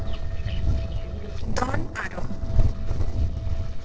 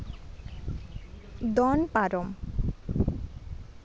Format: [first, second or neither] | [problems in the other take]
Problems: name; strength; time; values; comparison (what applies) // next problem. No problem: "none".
second | noise reduction (neural separator model SepFormer DNS4)